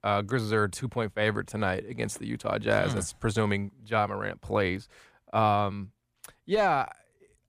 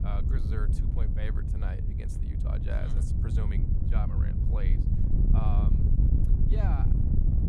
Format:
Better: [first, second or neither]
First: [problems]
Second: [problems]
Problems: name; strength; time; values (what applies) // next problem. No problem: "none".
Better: first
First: none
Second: wind noise on the microphone; heavy; 1 dB above the speech